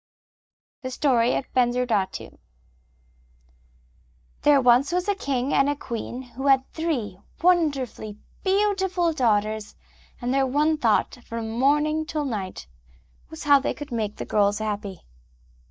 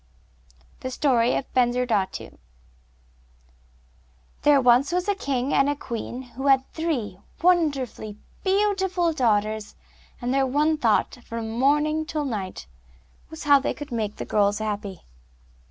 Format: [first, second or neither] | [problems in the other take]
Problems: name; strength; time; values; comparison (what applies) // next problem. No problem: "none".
second | noise reduction (neural mask model DeepFilterNet 3)